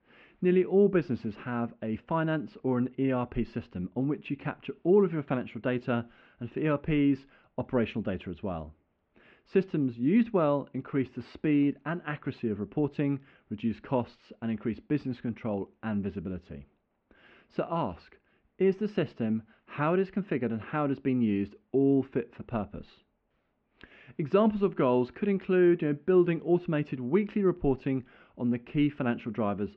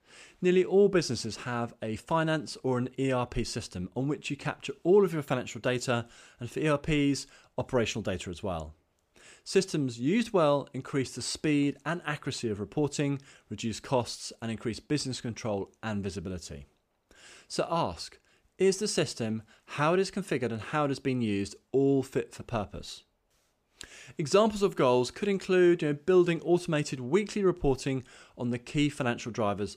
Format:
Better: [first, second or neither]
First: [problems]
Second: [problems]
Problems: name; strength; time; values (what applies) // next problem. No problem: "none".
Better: second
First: muffled; very; fading above 2.5 kHz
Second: none